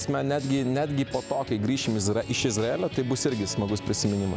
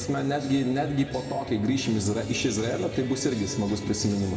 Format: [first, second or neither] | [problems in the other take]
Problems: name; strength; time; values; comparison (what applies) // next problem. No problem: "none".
first | room echo; dies away in 2.1 s